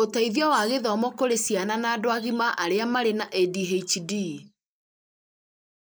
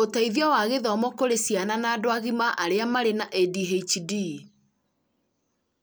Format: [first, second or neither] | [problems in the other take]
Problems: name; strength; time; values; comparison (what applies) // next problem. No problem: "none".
second | noise reduction (neural mask model Resemble Enhance denoiser)